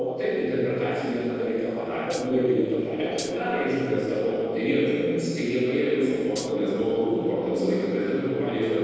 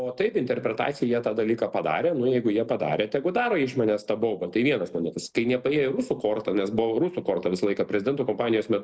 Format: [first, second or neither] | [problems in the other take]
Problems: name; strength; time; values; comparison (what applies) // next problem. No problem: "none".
second | noise reduction (neural separator model SepFormer DNS4)